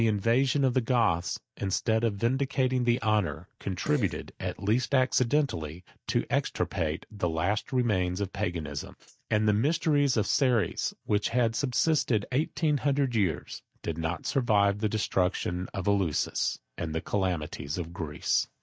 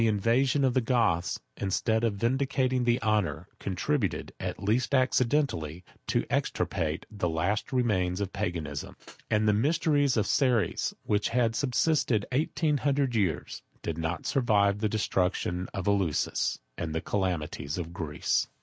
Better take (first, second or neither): second